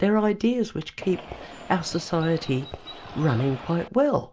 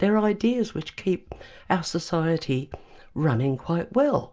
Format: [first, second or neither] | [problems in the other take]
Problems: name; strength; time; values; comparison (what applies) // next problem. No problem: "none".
second | background sound (Bird); 16 dB below the speech